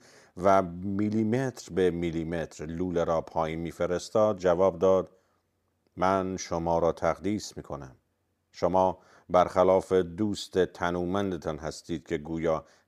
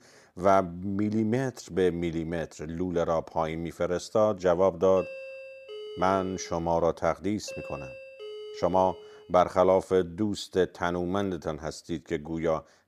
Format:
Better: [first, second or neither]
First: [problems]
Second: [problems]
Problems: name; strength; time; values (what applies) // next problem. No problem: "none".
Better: first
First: none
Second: doorbell; faint; from 5 to 9.5 s; peak 10 dB below the speech